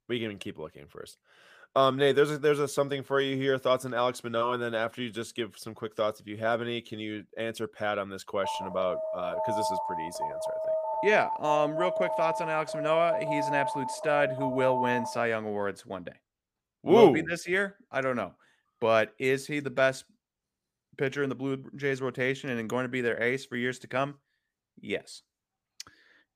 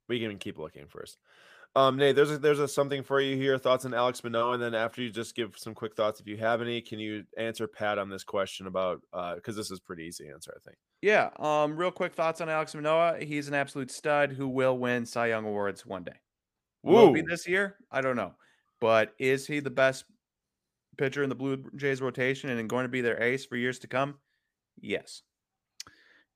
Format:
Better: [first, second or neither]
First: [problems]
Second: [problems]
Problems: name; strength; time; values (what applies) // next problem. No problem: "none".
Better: second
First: alarm; noticeable; from 8.5 to 15 s; peak 1 dB below the speech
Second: none